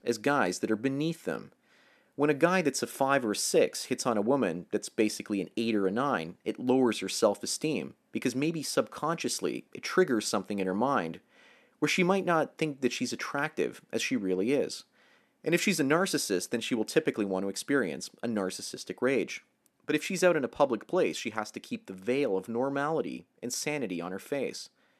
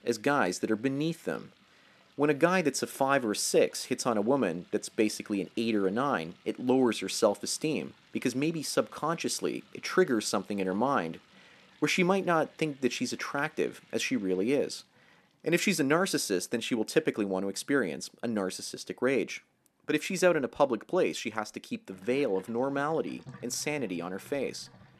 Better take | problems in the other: first | household noises; faint; throughout; 30 dB below the speech

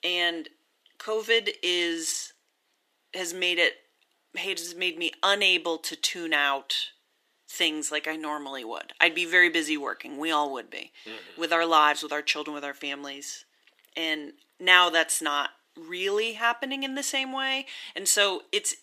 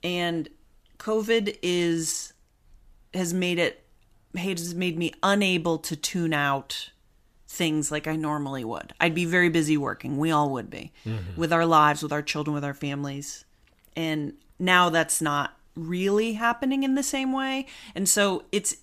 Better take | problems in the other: second | thin; somewhat; fading below 350 Hz

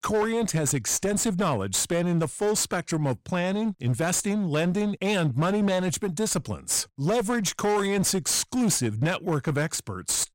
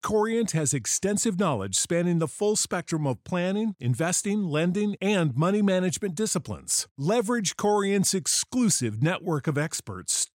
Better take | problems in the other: second | distortion; slight; 18% of the sound clipped

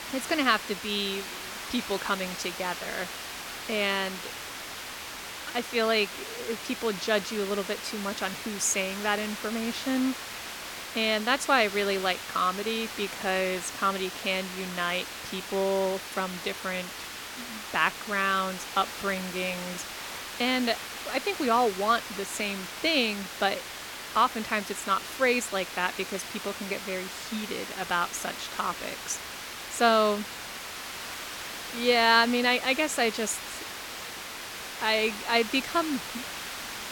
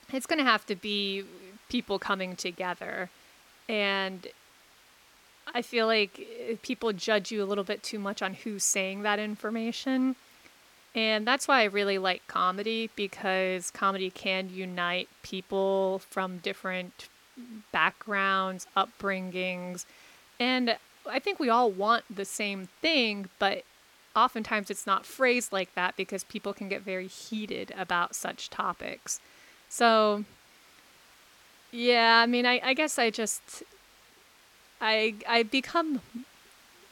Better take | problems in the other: second | hiss; loud; throughout; 8 dB below the speech; faint in the second

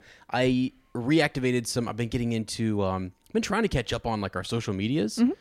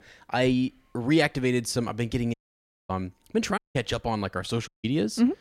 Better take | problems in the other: first | audio cutting out; at 2.5 s for 0.5 s, at 3.5 s and at 4.5 s

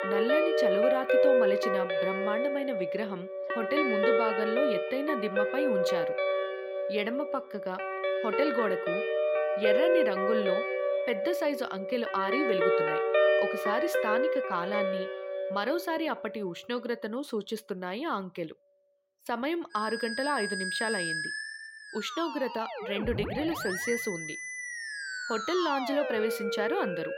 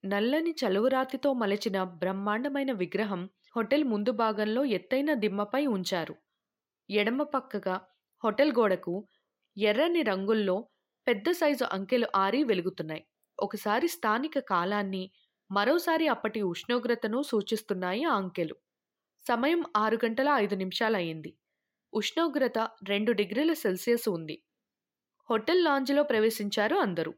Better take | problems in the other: second | background music; very loud; throughout; 3 dB above the speech

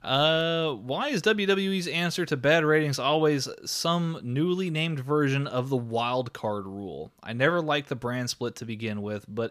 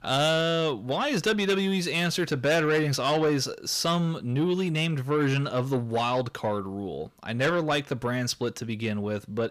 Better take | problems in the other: first | distortion; slight; 10 dB below the speech

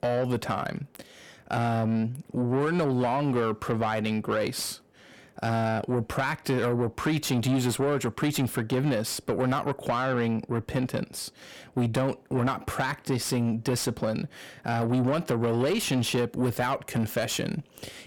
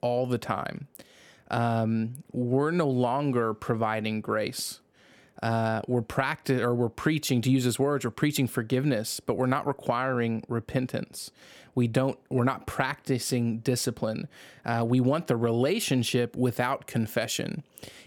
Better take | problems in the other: second | distortion; slight; 10 dB below the speech

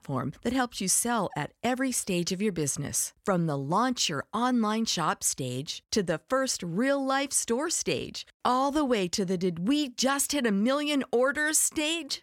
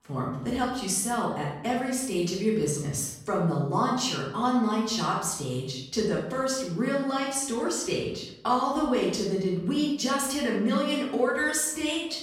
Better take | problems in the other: first | off-mic speech; far // room echo; noticeable; dies away in 0.7 s

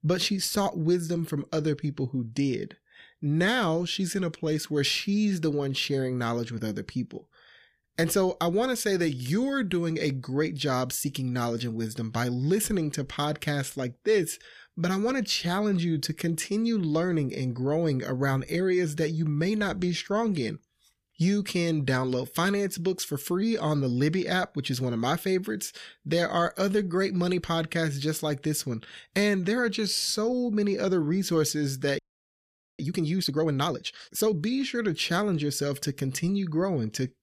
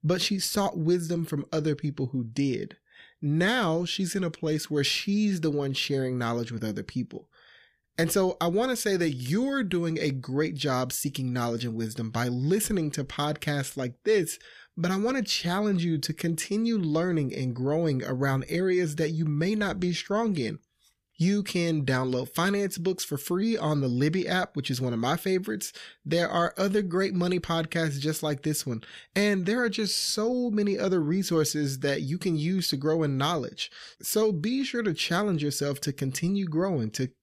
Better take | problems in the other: second | audio freezing; at 32 s for 1 s

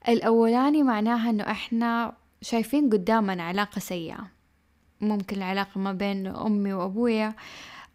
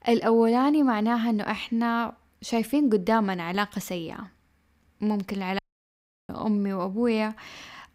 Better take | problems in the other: first | audio cutting out; at 5.5 s for 0.5 s

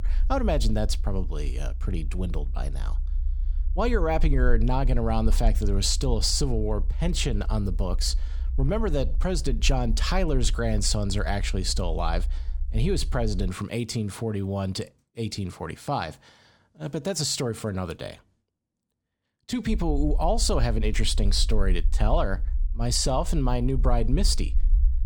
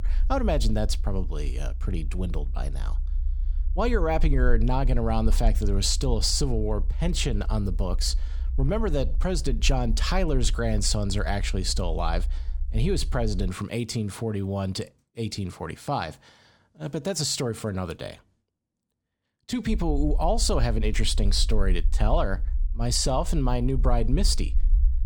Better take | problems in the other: neither | low rumble; faint; until 13 s and from 20 s on; 25 dB below the speech; the same in both

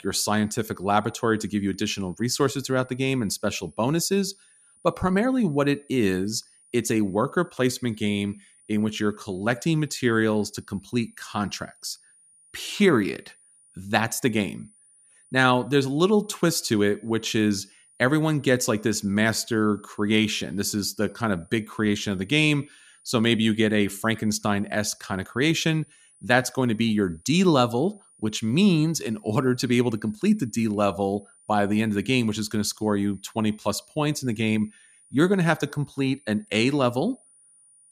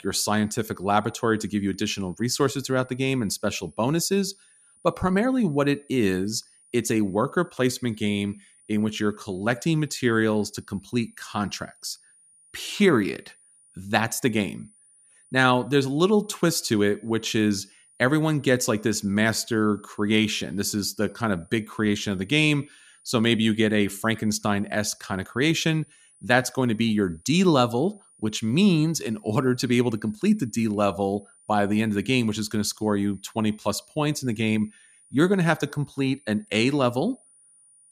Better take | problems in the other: neither | high-pitched whine; faint; throughout; 9.5 kHz, 30 dB below the speech; the same in both

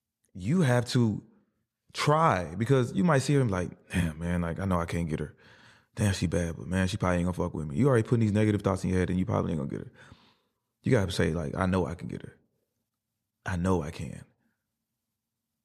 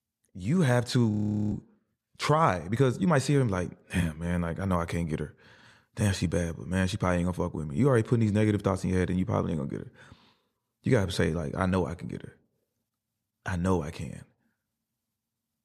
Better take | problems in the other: first | audio freezing; at 1 s

